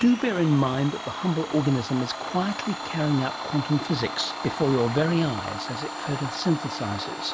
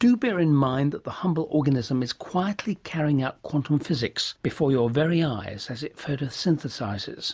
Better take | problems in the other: second | background sound (Domestic sounds, home sounds); 8 dB below the speech

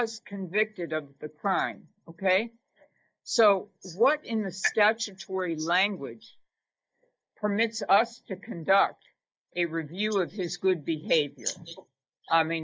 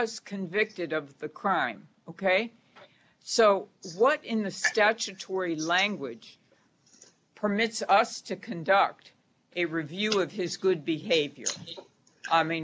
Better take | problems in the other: second | noise reduction (neural mask model Resemble Enhance denoiser)

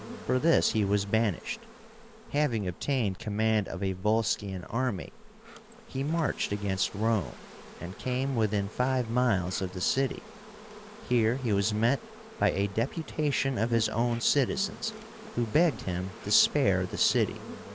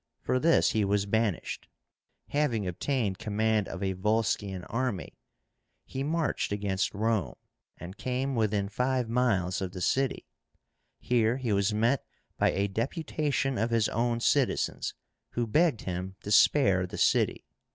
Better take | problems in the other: second | background sound (Insect); 16 dB below the speech

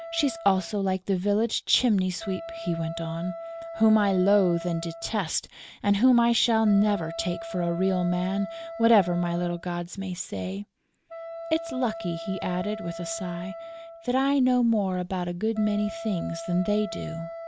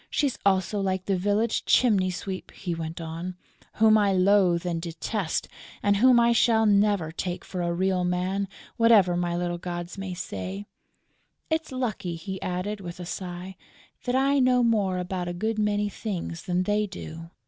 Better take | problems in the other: second | background sound (Wind instrument, woodwind instrument); 13 dB below the speech

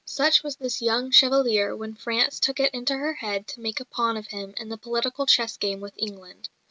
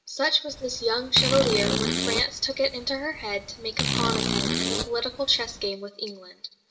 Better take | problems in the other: first | background sound (Fart); 1 dB below the speech // room echo; dies away in 0.5 s

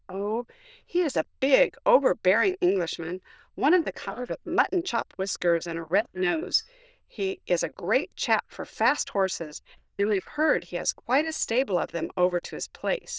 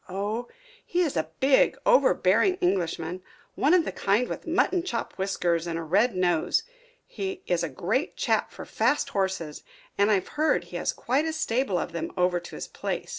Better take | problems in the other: second | noise reduction (neural diffusion model UNIVERSE++)

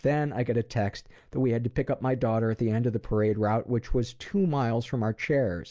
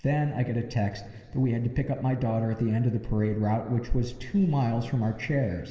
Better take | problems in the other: first | room echo; dies away in 2.4 s

